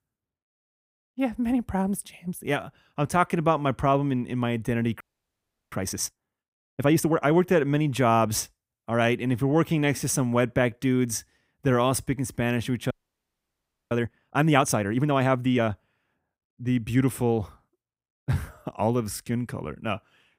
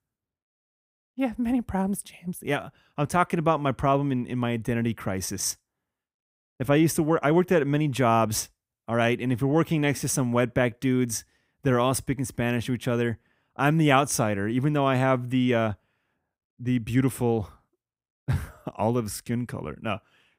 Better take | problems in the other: second | audio freezing; at 5 s for 0.5 s and at 13 s for 1 s

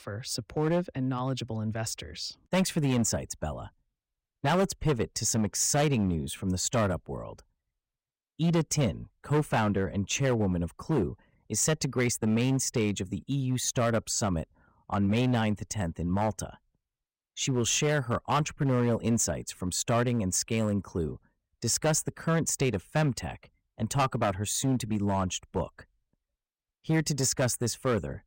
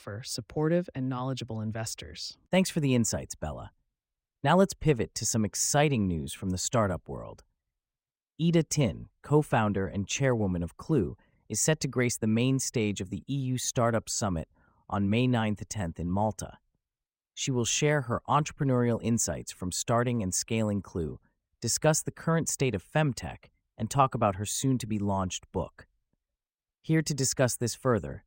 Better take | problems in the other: second | distortion; slight; 6% of the sound clipped

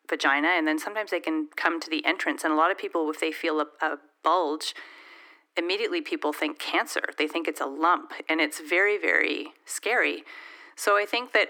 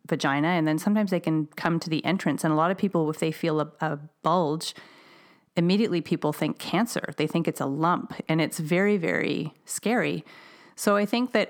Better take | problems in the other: second | thin; very; fading below 300 Hz

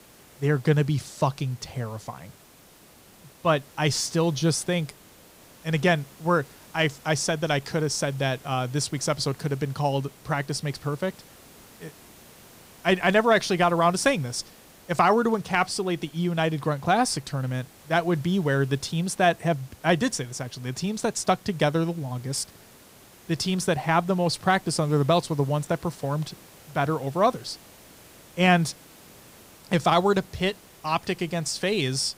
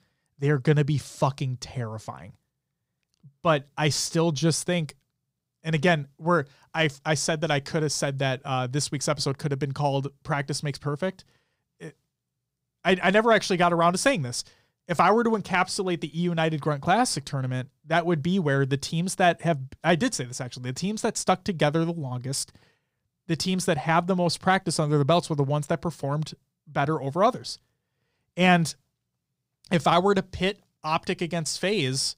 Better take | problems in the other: second | hiss; faint; throughout; 25 dB below the speech

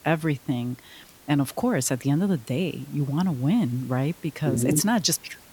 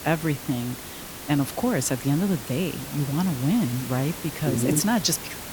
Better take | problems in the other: first | hiss; loud; throughout; 10 dB below the speech; faint in the first

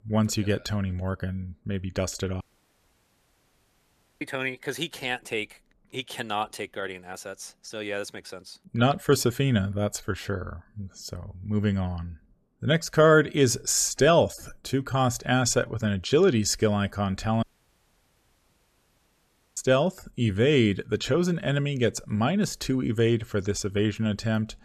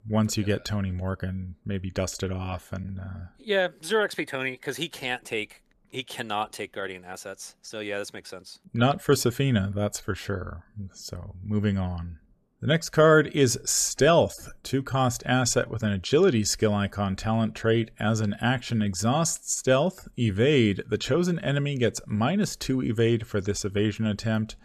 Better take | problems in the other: second | audio cutting out; at 2.5 s for 2 s and at 17 s for 2 s

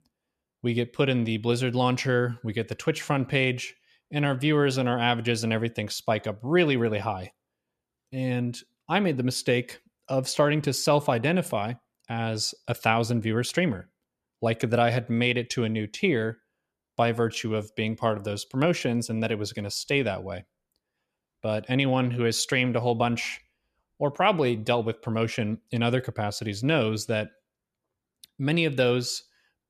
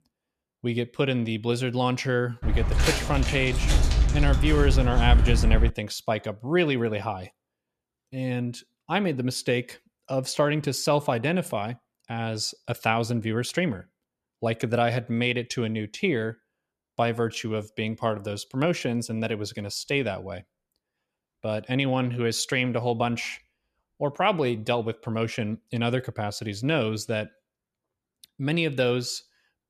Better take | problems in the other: first | footsteps; loud; from 2.5 to 5.5 s; peak 5 dB above the speech

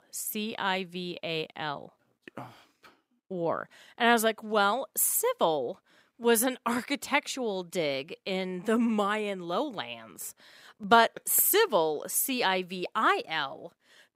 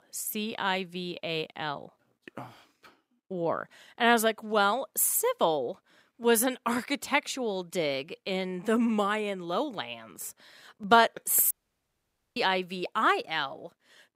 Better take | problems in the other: first | audio cutting out; at 12 s for 1 s

